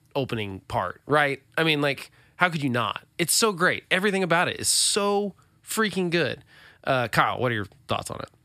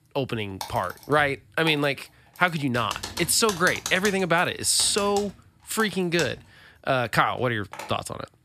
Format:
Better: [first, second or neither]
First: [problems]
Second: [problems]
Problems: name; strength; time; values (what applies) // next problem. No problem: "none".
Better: first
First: none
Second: keyboard typing; noticeable; from 0.5 to 8 s; peak 8 dB below the speech